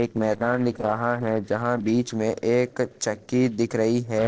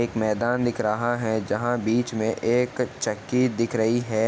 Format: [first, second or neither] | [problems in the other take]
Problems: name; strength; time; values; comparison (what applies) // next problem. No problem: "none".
second | noise reduction (neural separator model SepFormer DNS4)